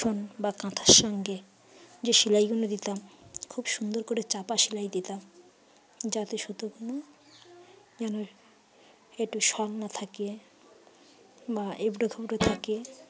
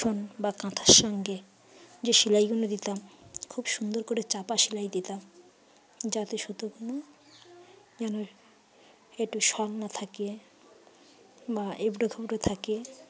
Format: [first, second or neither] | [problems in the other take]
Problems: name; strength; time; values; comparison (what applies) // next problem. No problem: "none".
second | background sound (Guitar); 1 dB below the speech